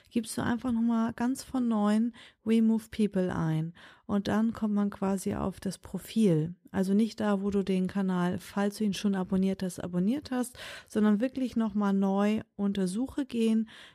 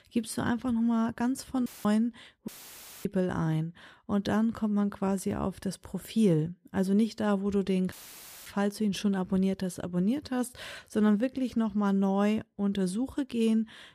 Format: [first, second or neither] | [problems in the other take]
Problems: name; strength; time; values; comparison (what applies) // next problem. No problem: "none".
first | audio cutting out; filled with static; at 1.5 s, at 2.5 s for 0.5 s and at 8 s for 0.5 s